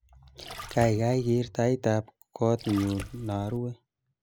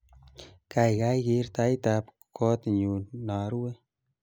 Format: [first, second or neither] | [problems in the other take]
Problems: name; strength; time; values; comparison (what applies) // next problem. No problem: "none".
second | background sound (Splash, splatter); 14 dB below the speech